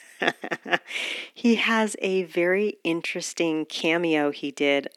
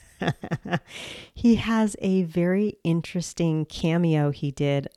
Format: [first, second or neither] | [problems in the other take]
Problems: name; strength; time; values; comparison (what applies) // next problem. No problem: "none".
second | thin; somewhat; fading below 250 Hz